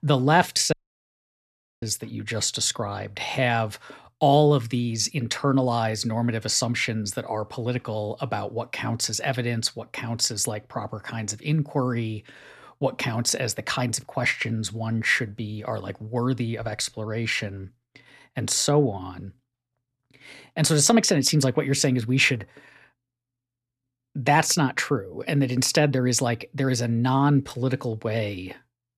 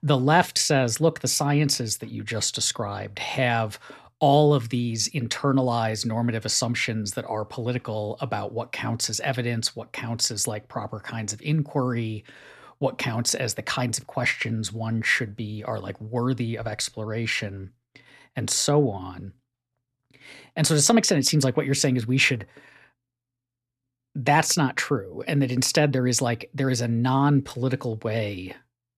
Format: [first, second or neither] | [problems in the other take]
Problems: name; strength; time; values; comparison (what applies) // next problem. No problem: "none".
second | audio cutting out; at 0.5 s for 1 s